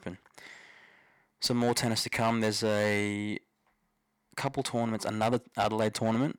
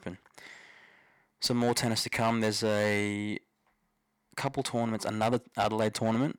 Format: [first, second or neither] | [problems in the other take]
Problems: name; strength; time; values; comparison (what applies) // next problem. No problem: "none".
neither | distortion; slight; 3% of the sound clipped; the same in both